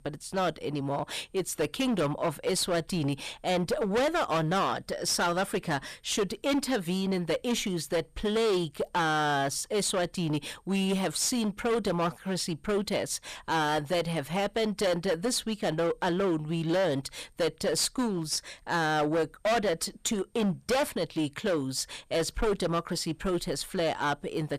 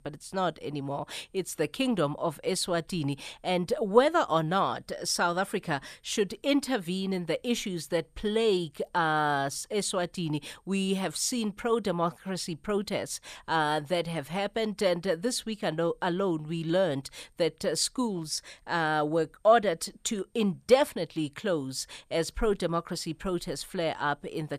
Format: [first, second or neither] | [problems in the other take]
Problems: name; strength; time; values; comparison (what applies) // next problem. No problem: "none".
second | distortion; heavy; 14% of the sound clipped